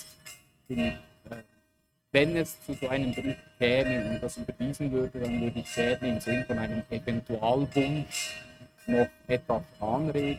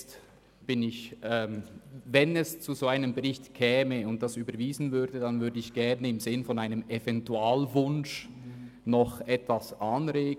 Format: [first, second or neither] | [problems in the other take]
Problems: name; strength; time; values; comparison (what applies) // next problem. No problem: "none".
second | noise reduction (neural mask model RNNoise)